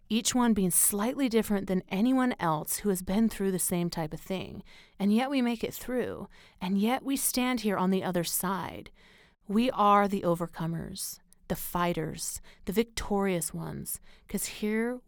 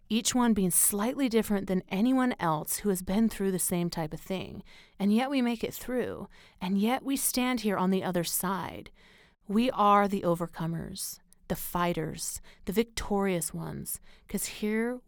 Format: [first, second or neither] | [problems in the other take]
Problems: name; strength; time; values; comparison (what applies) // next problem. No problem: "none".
neither | none